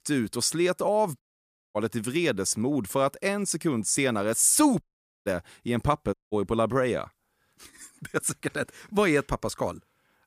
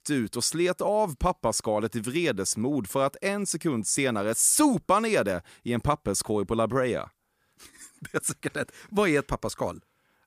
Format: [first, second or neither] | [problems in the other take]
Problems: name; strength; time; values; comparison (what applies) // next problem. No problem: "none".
second | audio cutting out; at 1 s for 0.5 s, at 5 s and at 6 s